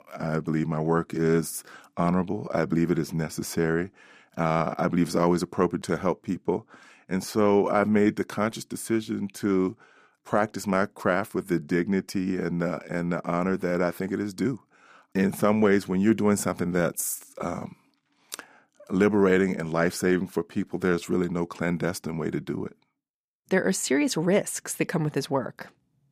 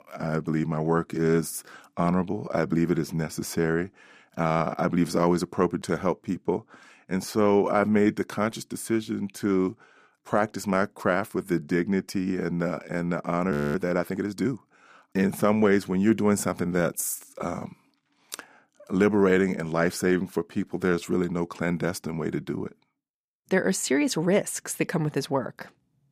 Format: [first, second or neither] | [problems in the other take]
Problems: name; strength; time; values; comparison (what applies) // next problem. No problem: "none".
first | audio freezing; at 14 s